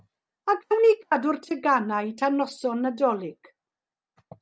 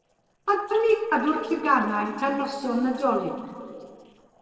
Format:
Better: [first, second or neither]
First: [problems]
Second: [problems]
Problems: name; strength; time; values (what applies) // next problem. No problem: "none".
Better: first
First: none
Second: noise reduction (neural separator model SepFormer DNS4)